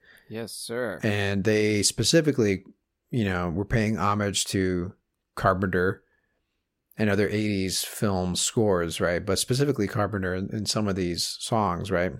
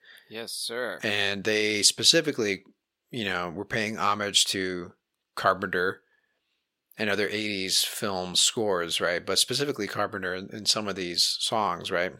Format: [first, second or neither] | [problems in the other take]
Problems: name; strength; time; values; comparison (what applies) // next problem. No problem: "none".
first | thin; somewhat; fading below 550 Hz